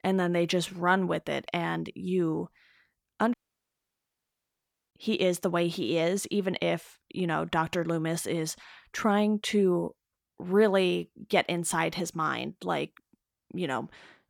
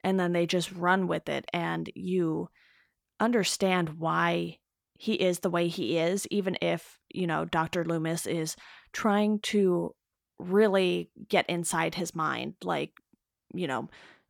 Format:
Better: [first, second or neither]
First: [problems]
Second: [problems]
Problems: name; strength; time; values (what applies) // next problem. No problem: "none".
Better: second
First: audio cutting out; at 3.5 s for 1.5 s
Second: none